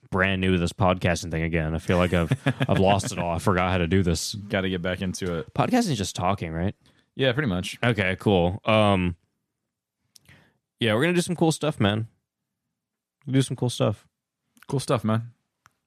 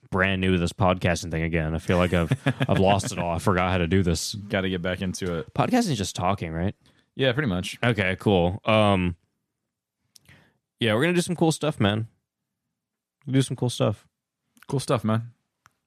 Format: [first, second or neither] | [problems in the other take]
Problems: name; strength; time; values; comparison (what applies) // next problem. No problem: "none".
neither | none